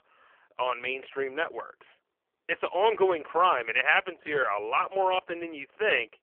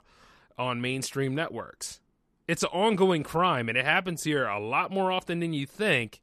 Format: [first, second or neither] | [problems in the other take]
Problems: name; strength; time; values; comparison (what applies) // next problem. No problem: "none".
second | phone-call audio; poor line; nothing above 3 kHz